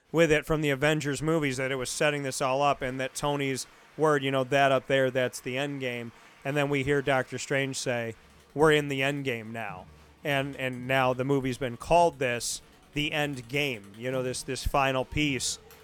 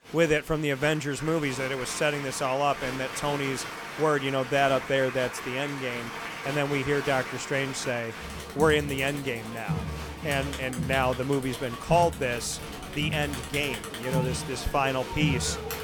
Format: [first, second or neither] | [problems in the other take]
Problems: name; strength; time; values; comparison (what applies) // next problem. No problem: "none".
first | crowd noise; loud; throughout; 7 dB below the speech; faint in the first